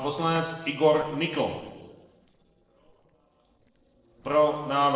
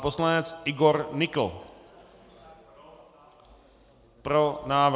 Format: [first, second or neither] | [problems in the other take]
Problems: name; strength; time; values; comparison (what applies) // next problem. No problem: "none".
second | noise reduction (neural separator model SepFormer DNS4)